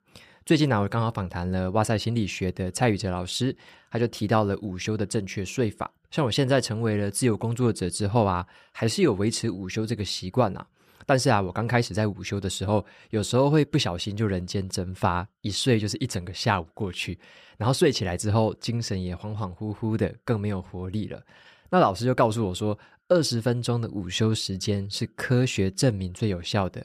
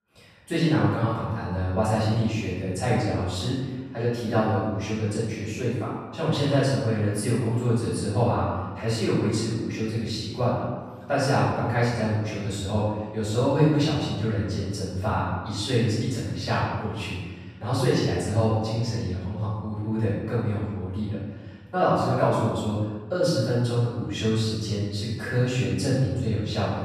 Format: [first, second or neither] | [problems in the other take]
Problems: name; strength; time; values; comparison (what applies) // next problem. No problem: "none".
first | off-mic speech; far // room echo; strong; dies away in 1.2 s